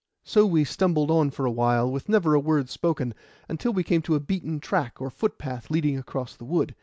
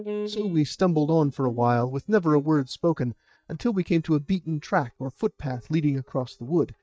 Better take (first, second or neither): first